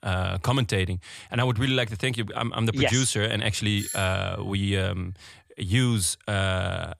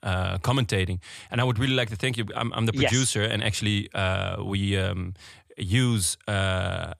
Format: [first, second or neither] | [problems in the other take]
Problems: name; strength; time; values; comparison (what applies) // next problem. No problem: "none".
second | doorbell; noticeable; at 4 s; peak 8 dB below the speech